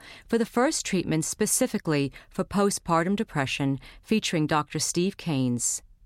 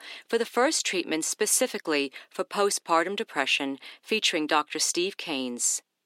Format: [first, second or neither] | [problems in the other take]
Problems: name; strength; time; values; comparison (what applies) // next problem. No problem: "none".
first | thin; somewhat; fading below 300 Hz